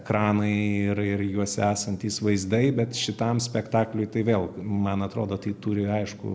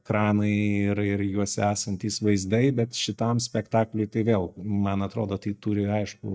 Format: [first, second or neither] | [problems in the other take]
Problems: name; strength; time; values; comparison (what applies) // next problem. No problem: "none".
first | noise reduction (neural mask model DeepFilterNet 3)